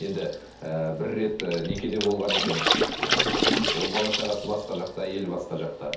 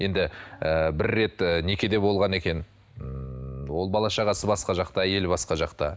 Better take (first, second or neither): second